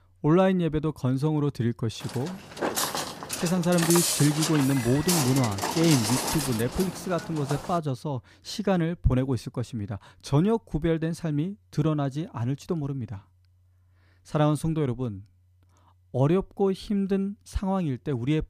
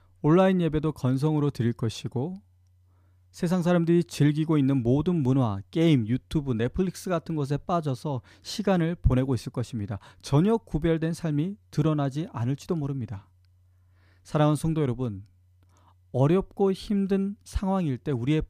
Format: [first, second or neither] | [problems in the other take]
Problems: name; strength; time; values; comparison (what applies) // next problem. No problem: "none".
second | footsteps; loud; from 2 to 8 s; peak 4 dB above the speech